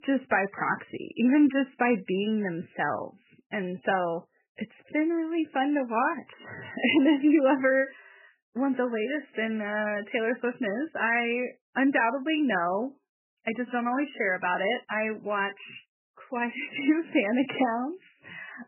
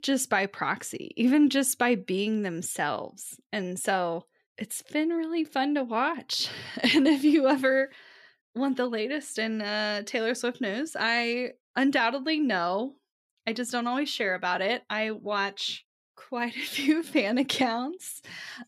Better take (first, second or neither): second